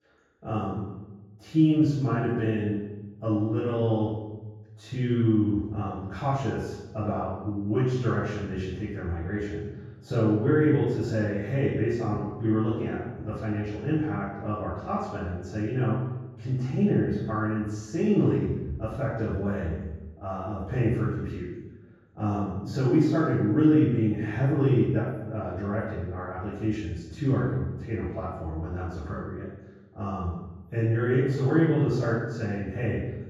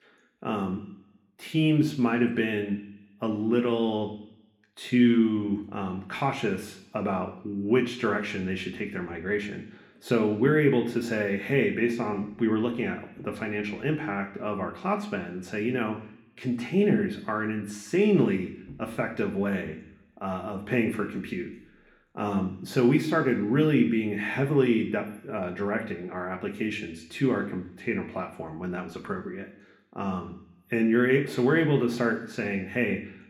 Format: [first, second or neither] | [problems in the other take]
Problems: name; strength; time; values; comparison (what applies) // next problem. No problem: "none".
second | room echo; strong; dies away in 1.3 s; slight in the second // off-mic speech; far